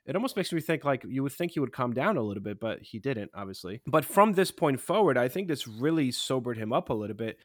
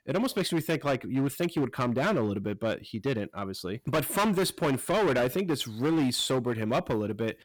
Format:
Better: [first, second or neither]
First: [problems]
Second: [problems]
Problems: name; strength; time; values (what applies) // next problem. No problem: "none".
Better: first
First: none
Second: distortion; heavy; 13% of the sound clipped